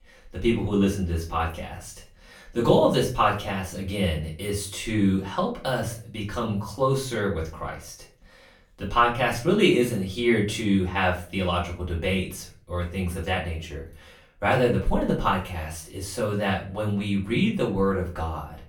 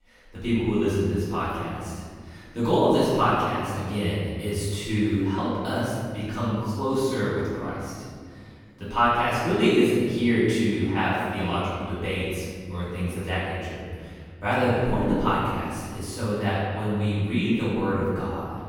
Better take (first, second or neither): first